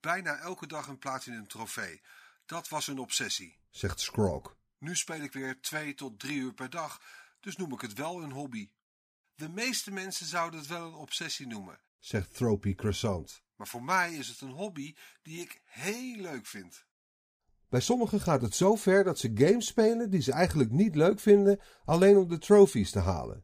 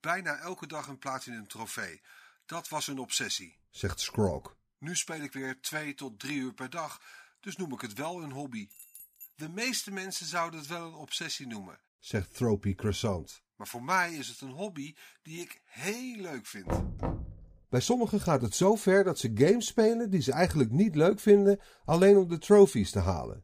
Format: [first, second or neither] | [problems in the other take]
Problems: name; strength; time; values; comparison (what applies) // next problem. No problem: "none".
first | jangling keys; faint; at 8.5 s; peak 20 dB below the speech // door banging; noticeable; at 17 s; peak 4 dB below the speech